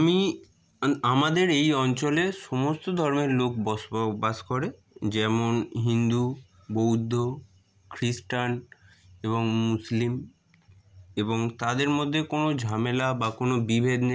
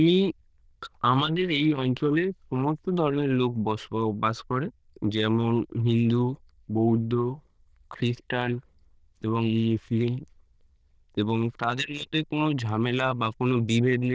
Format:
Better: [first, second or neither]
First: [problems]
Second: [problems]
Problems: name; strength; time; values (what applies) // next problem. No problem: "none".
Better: first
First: none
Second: noise reduction (neural diffusion model UNIVERSE++)